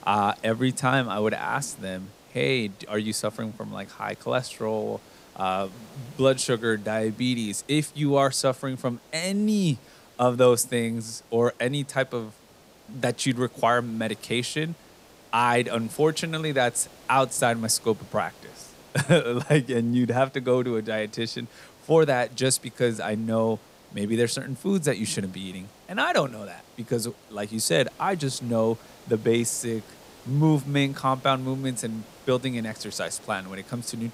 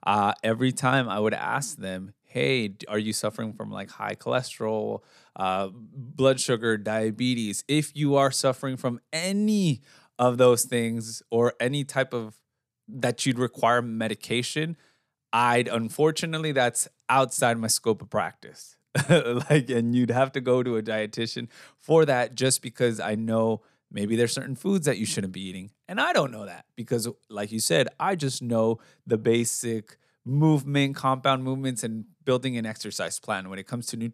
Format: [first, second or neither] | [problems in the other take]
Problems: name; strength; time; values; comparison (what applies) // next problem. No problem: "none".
second | hiss; faint; throughout; 25 dB below the speech